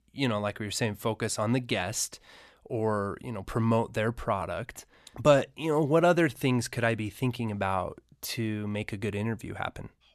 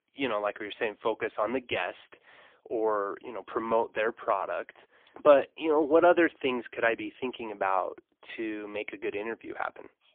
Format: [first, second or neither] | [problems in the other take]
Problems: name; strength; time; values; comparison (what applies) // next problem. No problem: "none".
first | phone-call audio; poor line; nothing above 3.5 kHz